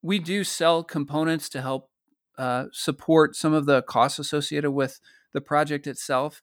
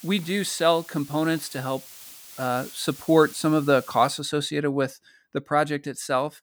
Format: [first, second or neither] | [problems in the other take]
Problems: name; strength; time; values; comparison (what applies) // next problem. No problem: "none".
first | hiss; noticeable; until 4 s; 15 dB below the speech